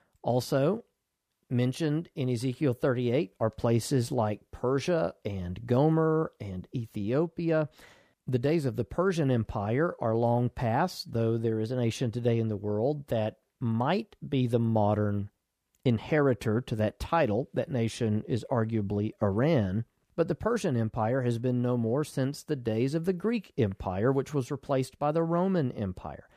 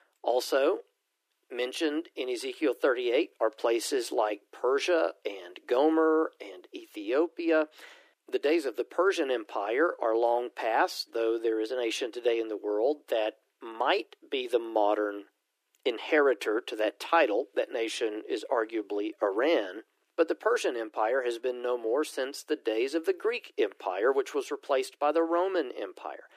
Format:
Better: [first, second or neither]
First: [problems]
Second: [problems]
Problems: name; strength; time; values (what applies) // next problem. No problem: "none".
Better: first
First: none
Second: thin; very; fading below 300 Hz